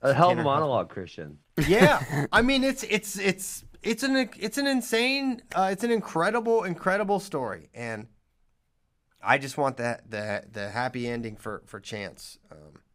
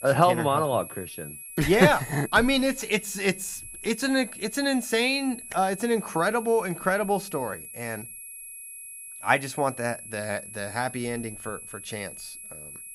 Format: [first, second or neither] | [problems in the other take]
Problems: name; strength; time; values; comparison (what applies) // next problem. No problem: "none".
first | high-pitched whine; noticeable; throughout; 11 kHz, 15 dB below the speech